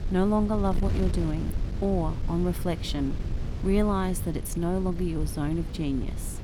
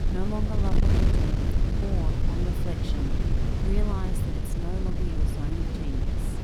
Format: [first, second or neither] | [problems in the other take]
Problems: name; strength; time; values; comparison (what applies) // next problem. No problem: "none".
first | wind noise on the microphone; heavy; 3 dB above the speech; occasional gusts in the first